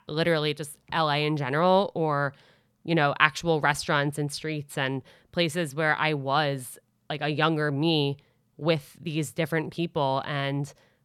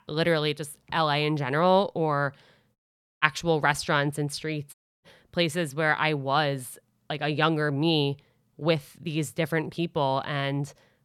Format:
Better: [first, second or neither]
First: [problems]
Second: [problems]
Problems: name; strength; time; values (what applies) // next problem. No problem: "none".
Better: first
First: none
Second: audio cutting out; at 3 s and at 4.5 s